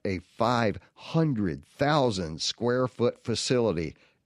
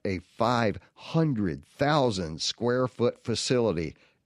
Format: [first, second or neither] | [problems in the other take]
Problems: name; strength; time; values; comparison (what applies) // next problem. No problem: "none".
neither | none